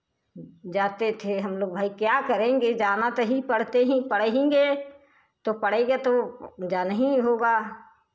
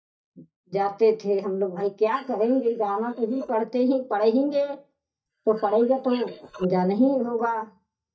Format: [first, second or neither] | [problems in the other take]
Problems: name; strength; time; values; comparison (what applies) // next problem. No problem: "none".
first | noise reduction (neural mask model DeepFilterNet 3)